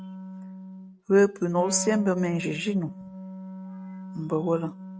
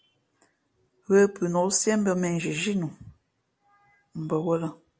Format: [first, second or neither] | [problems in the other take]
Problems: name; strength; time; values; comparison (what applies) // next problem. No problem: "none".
second | noise reduction (neural mask model RNNoise)